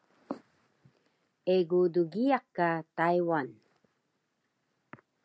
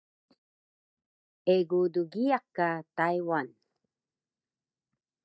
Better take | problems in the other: first | noise reduction (neural mask model DeepFilterNet 3)

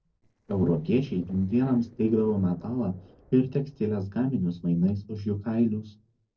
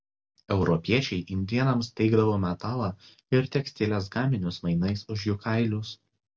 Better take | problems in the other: second | noise reduction (neural separator model SepFormer DNS4)

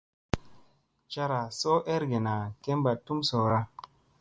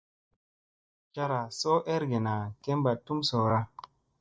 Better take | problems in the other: first | noise reduction (neural mask model DeepFilterNet 3)

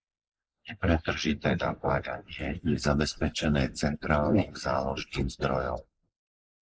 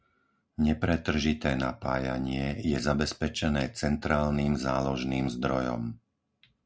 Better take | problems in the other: second | noise reduction (neural mask model Resemble Enhance denoiser)

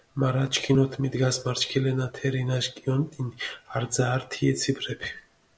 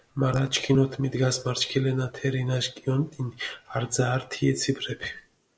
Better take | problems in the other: first | noise reduction (neural mask model Resemble Enhance denoiser)

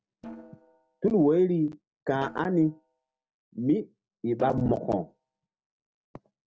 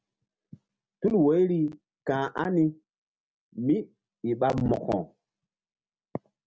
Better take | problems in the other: second | noise reduction (neural separator model SepFormer DNS4)

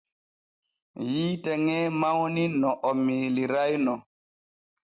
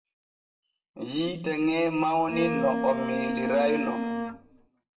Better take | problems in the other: first | background sound (Bowed string instrument); 3 dB below the speech // room echo; dies away in 0.9 s

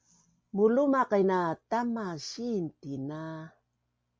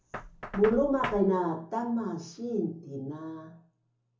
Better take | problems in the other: first | background sound (Knock); 14 dB below the speech // room echo; dies away in 0.7 s

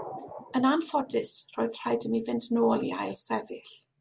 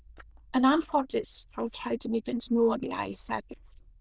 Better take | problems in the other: first | noise reduction (neural diffusion model UNIVERSE++)

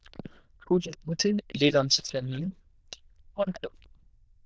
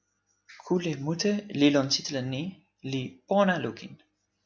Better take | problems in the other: second | noise reduction (neural diffusion model UNIVERSE++)

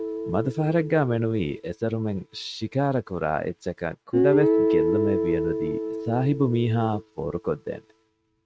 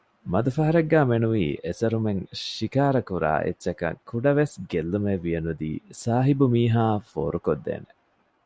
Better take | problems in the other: second | noise reduction (neural mask model RNNoise)

